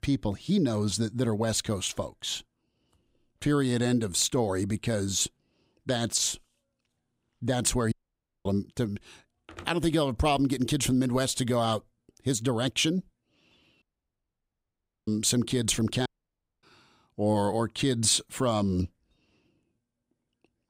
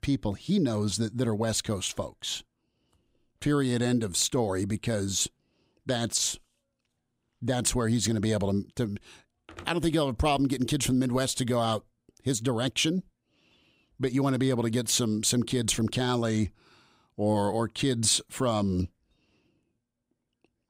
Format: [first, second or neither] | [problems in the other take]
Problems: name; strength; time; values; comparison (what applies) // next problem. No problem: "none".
second | audio cutting out; at 8 s for 0.5 s, at 14 s for 1.5 s and at 16 s for 0.5 s